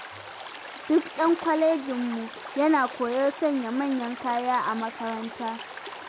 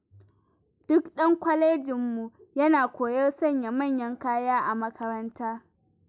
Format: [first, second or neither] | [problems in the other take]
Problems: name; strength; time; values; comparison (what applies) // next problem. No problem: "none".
second | background sound (Stream); 13 dB below the speech